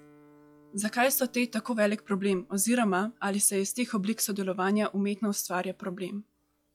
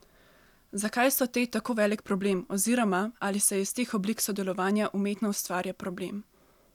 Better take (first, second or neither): second